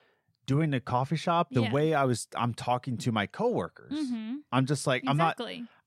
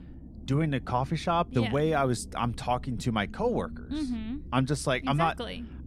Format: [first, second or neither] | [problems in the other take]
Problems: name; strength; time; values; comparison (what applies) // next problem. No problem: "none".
first | low rumble; faint; throughout; 25 dB below the speech